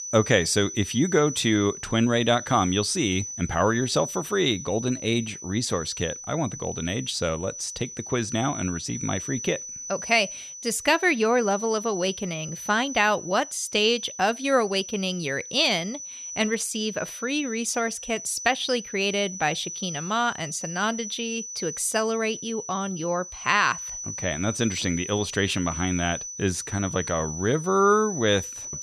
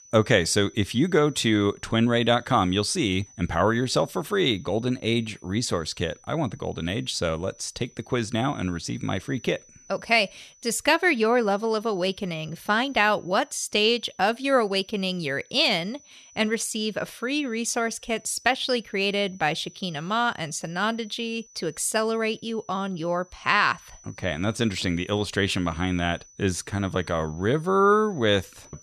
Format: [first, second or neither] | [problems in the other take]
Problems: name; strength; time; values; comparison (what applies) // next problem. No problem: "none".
second | high-pitched whine; loud; throughout; 6 kHz, 9 dB below the speech; faint in the second